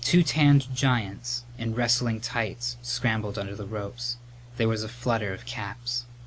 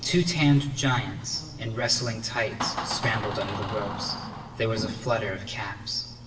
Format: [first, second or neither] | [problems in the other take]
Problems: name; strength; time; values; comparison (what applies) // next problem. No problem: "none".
first | background sound (Door); 9 dB below the speech // room echo; dies away in 0.9 s